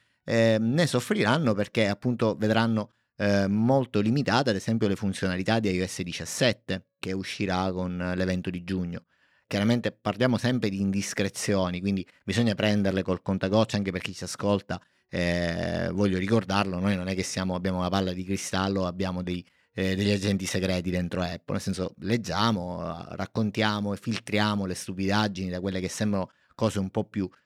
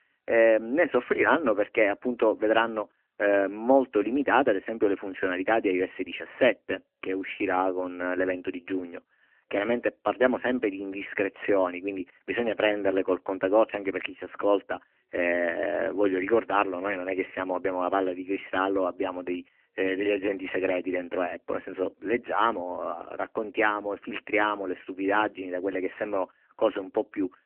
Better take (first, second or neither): first